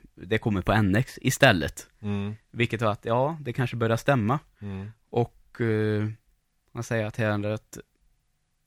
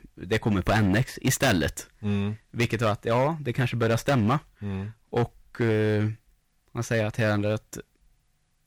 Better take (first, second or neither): first